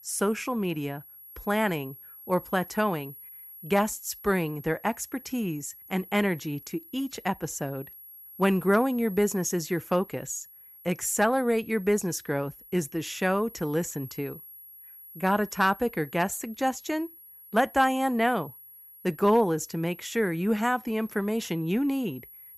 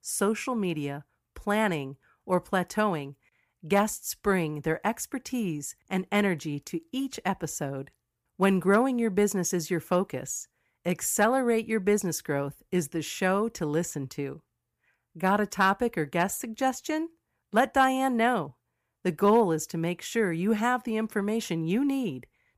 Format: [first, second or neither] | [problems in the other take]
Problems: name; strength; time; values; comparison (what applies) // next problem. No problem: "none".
second | high-pitched whine; noticeable; throughout; 11.5 kHz, 20 dB below the speech